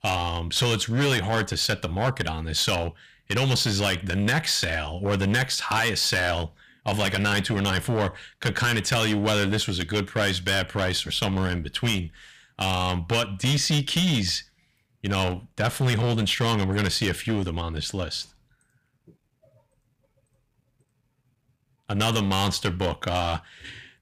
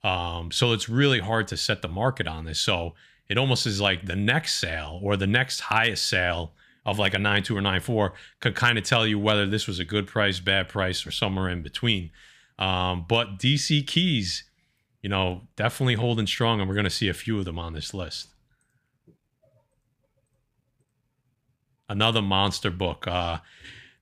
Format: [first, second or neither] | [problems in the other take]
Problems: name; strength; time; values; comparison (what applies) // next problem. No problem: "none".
second | distortion; heavy; 10% of the sound clipped